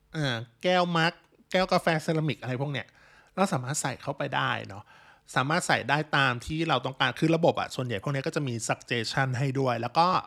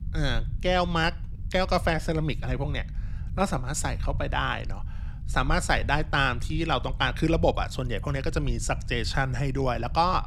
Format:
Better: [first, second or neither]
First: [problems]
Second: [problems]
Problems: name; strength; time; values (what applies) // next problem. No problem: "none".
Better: first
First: none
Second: low rumble; faint; throughout; 25 dB below the speech